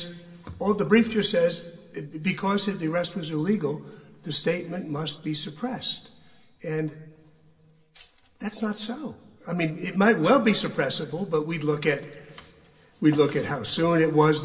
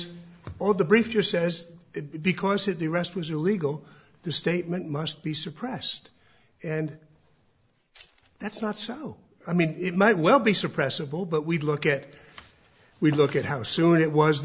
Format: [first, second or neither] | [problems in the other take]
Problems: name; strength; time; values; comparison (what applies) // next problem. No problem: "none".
second | room echo; dies away in 1.4 s